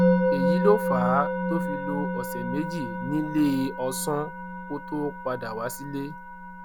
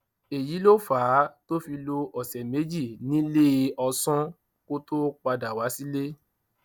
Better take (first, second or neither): second